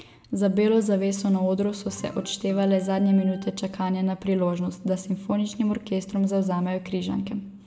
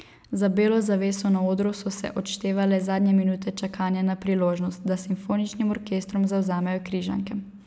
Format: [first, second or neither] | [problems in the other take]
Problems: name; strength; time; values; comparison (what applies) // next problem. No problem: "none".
second | background sound (Organ); 19 dB below the speech // room echo; dies away in 0.5 s